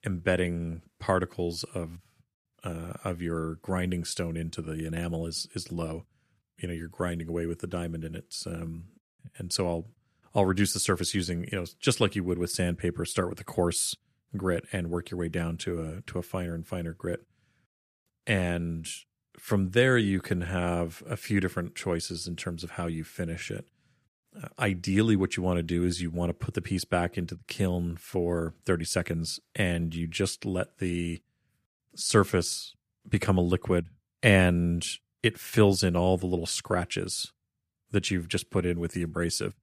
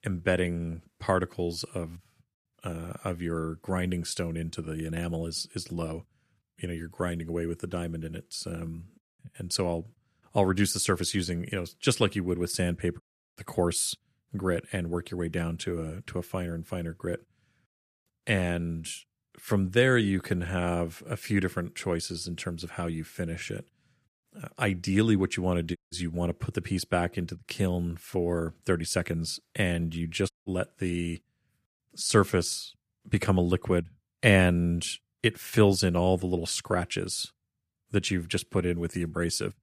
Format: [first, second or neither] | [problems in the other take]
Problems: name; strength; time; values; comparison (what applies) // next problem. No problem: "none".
first | audio cutting out; at 13 s, at 26 s and at 30 s